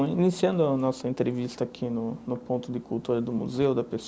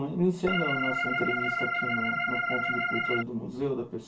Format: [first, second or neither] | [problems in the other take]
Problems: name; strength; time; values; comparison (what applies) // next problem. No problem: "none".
first | background sound (Organ); 3 dB above the speech // room echo; dies away in 0.2 s